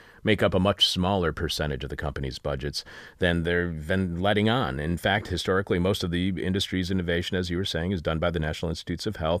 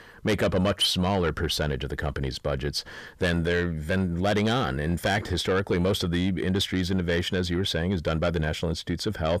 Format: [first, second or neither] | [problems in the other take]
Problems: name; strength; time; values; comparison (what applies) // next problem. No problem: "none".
first | distortion; slight; 10 dB below the speech